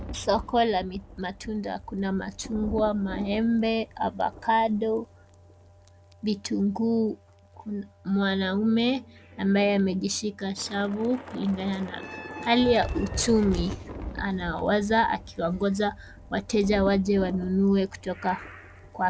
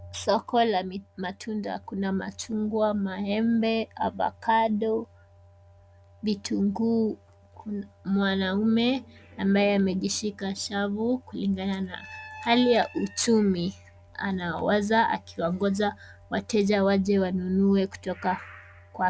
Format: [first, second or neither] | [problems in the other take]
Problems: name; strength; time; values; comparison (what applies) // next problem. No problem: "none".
second | background sound (Thunder / Rain); 14 dB below the speech